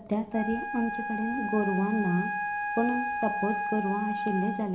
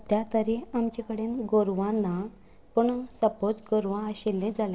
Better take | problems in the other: second | background sound (Wind instrument, woodwind instrument); 3 dB below the speech // room echo; dies away in 0.4 s

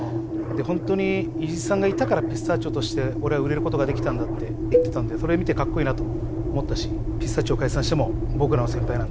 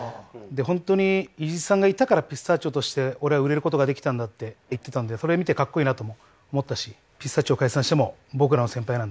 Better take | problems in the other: second | background sound (Engine + Cowbell); 1 dB above the speech

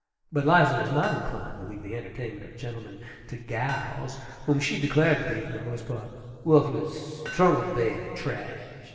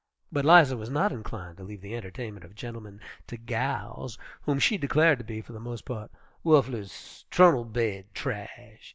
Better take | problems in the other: second | noise reduction (neural separator model SepFormer DNS4)

